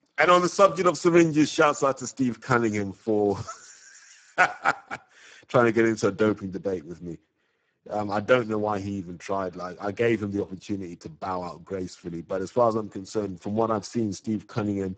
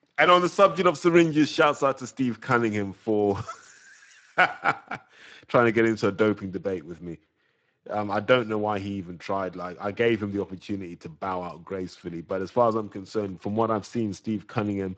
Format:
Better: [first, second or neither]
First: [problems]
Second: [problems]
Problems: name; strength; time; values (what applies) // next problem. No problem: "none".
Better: second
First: garbled, watery; badly; nothing above 7.5 kHz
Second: garbled, watery; slightly; nothing above 7.5 kHz